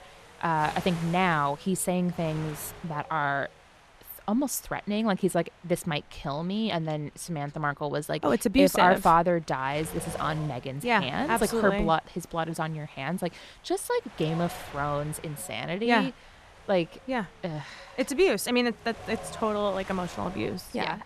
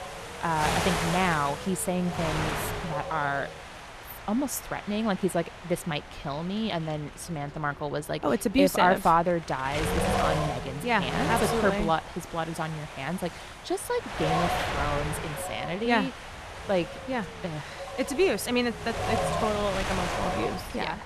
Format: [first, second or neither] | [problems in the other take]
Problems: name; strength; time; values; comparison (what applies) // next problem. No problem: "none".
first | wind noise on the microphone; heavy; 4 dB below the speech; occasional gusts in the first